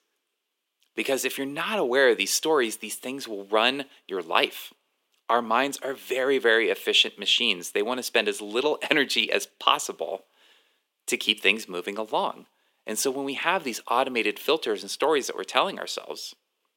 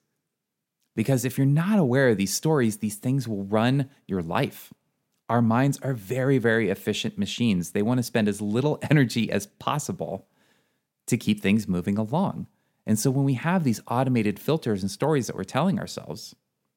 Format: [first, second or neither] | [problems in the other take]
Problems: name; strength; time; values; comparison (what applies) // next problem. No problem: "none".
second | thin; very; fading below 350 Hz